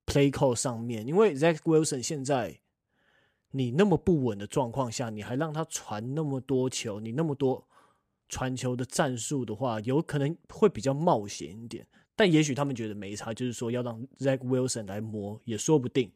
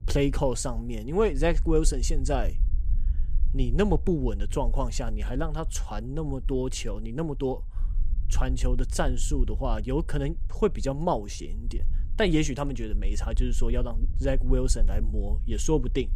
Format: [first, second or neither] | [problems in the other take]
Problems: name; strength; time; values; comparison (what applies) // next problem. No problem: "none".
first | low rumble; faint; throughout; 25 dB below the speech